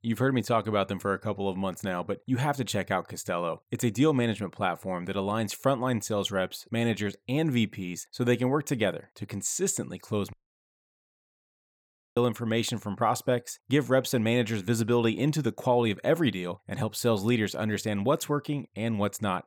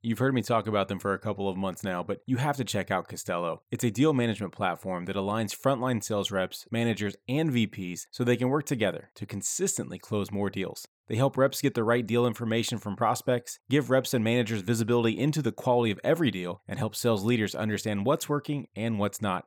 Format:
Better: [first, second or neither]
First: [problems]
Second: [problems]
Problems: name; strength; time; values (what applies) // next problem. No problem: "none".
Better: second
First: audio cutting out; at 10 s for 2 s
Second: none